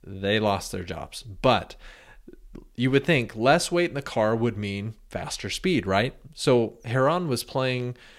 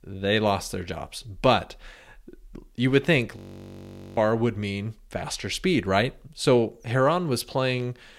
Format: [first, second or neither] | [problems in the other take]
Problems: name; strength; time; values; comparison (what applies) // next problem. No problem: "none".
first | audio freezing; at 3.5 s for 1 s